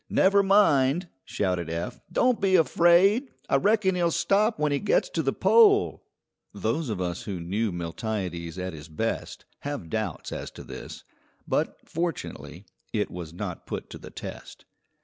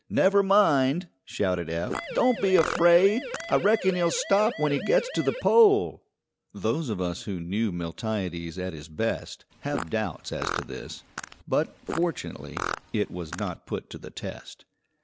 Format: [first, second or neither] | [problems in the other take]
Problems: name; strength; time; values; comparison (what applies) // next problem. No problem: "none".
first | background sound (Siren + Fart); 9 dB below the speech